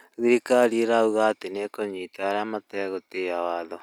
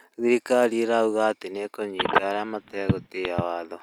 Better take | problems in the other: first | background sound (Telephone); 2 dB below the speech

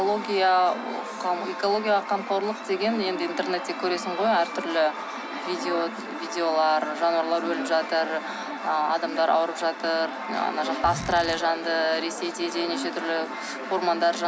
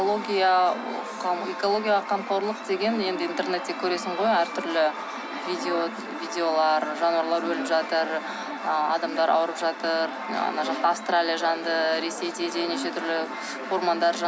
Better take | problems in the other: second | background sound (Zipper (clothing)); 13 dB below the speech

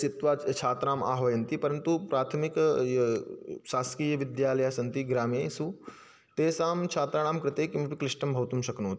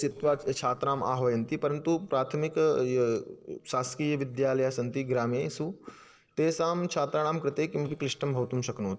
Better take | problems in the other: first | noise reduction (neural separator model SepFormer DNS4)

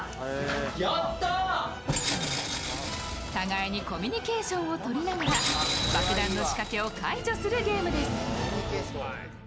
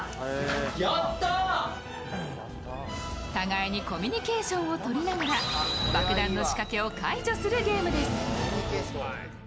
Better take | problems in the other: second | background sound (Tools); 4 dB below the speech

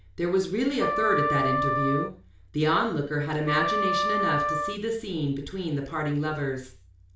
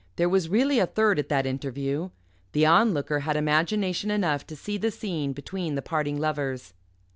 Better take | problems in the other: second | background sound (Wind instrument, woodwind instrument); 1 dB below the speech // room echo; dies away in 0.4 s

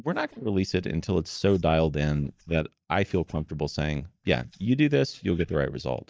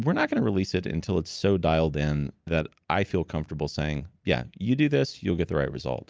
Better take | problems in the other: second | noise reduction (neural mask model DeepFilterNet 3)

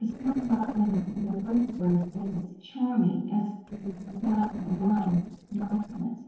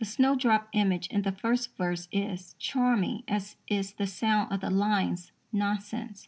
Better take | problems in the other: second | noise reduction (neural separator model SepFormer DNS4)

